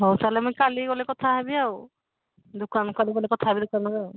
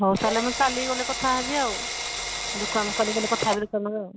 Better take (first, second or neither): first